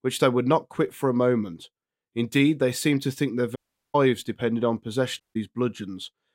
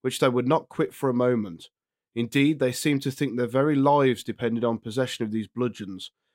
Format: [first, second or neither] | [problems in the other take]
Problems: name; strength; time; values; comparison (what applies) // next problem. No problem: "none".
second | audio cutting out; at 3.5 s and at 5 s